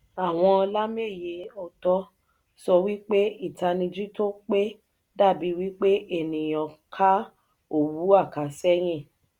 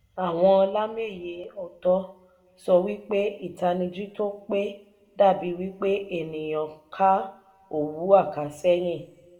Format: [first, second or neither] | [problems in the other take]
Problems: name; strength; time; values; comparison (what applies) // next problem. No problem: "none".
first | room echo; dies away in 1 s